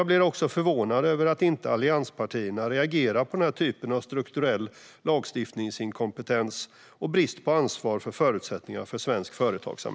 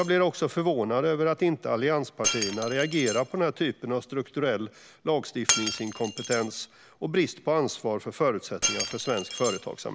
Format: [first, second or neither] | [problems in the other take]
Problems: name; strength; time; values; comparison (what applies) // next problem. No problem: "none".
first | background sound (Shatter); 8 dB below the speech